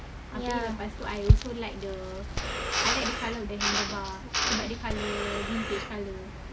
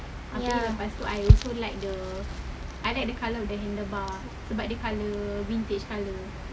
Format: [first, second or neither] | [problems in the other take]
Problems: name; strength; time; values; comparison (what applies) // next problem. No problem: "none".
second | background sound (Drill + Breathing); 2 dB below the speech